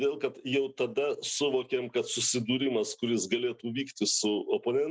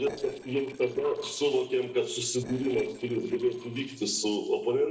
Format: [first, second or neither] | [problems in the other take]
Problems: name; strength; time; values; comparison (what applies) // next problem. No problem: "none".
first | noise reduction (neural separator model SepFormer DNS4)